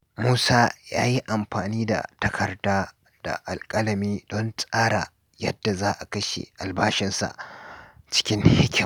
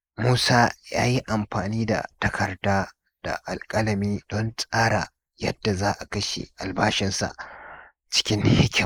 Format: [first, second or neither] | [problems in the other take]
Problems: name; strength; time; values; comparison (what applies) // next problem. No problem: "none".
first | noise reduction (neural mask model Resemble Enhance denoiser)